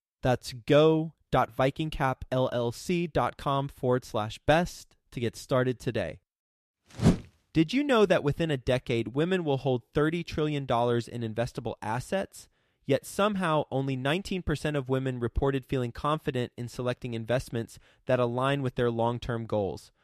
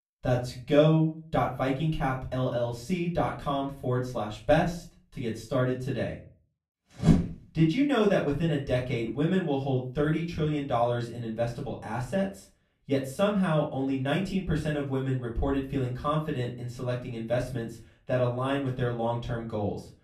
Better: first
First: none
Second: off-mic speech; far // room echo; slight; dies away in 0.3 s

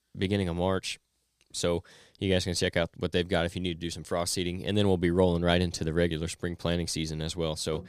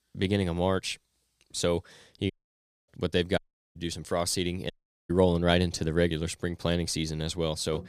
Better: first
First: none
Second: audio cutting out; at 2.5 s for 0.5 s, at 3.5 s and at 4.5 s

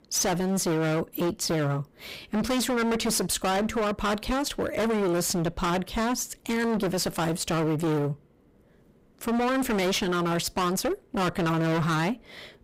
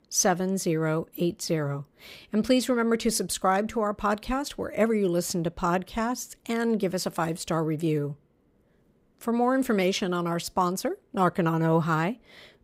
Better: second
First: distortion; heavy; 28% of the sound clipped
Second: none

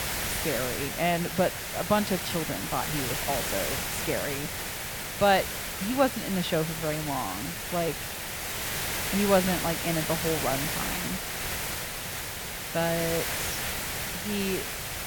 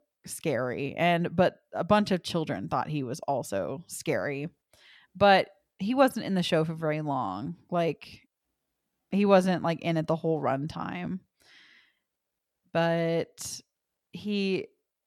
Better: second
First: hiss; loud; throughout; 1 dB below the speech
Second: none

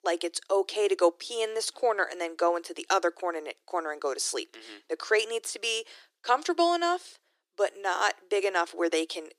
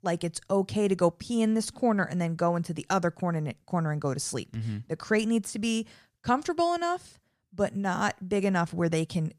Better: second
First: thin; very; fading below 350 Hz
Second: none

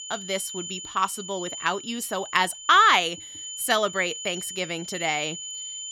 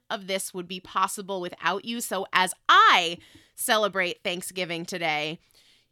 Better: second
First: high-pitched whine; noticeable; throughout; 7 kHz, 10 dB below the speech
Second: none

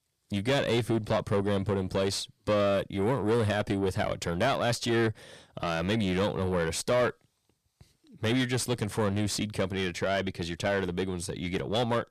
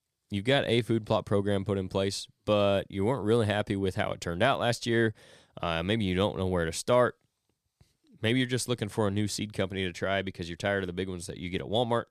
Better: second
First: distortion; heavy; 7 dB below the speech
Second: none

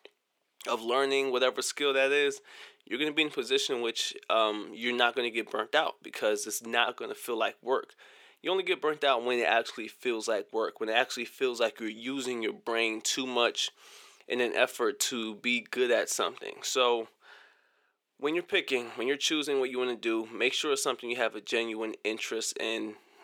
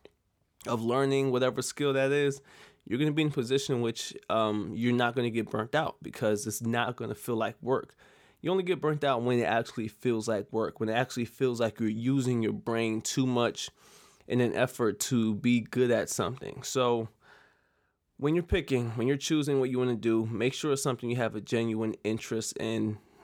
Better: second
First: thin; somewhat; fading below 350 Hz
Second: none

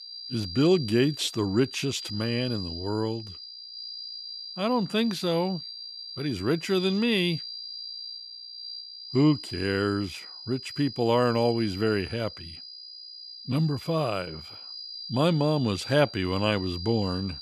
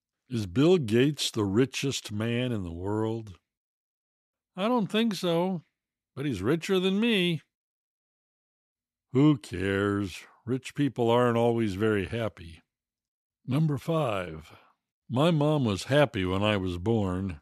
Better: second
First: high-pitched whine; noticeable; throughout; 4.5 kHz, 10 dB below the speech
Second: none

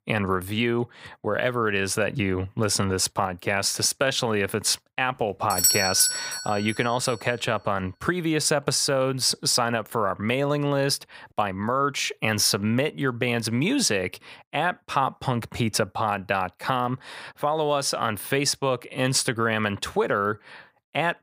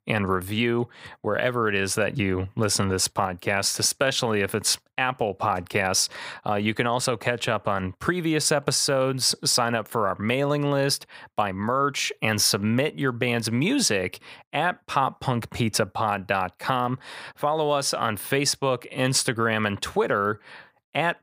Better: second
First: doorbell; loud; at 5.5 s; peak 5 dB above the speech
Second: none

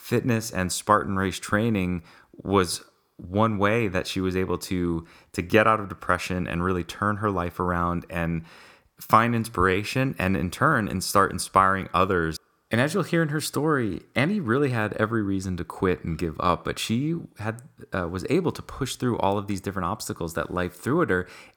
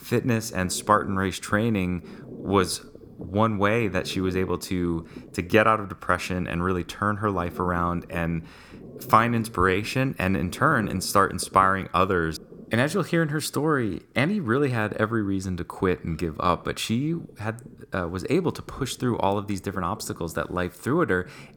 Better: first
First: none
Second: low rumble; faint; throughout; 25 dB below the speech

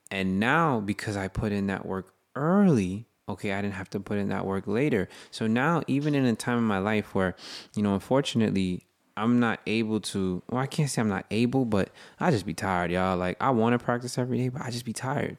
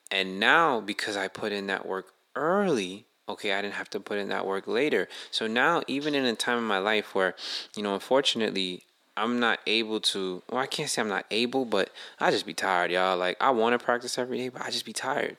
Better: first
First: none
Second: thin; somewhat; fading below 400 Hz

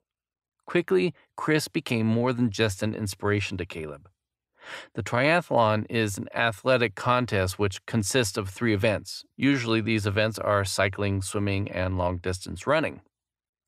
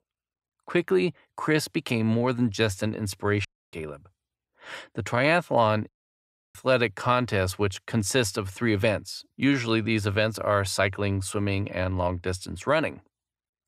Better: first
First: none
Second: audio cutting out; at 3.5 s and at 6 s for 0.5 s

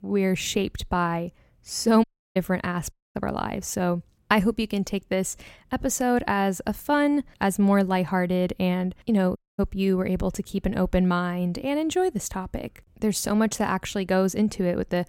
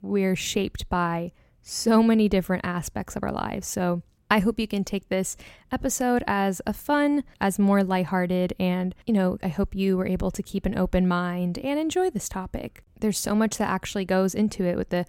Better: second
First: audio cutting out; at 2 s, at 3 s and at 9.5 s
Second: none

